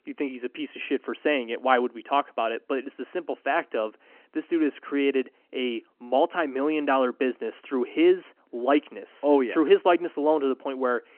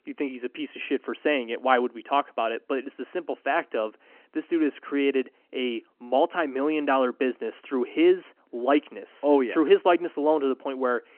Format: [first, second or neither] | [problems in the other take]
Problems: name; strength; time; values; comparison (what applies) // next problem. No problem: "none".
neither | phone-call audio; the same in both